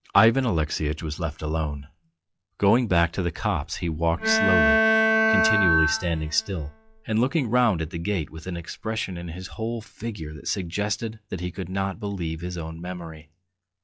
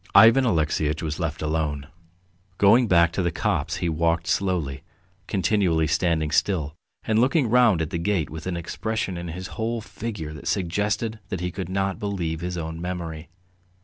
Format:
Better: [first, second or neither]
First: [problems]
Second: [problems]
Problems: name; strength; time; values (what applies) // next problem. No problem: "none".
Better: second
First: noise reduction (classical method log-MMSE)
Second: none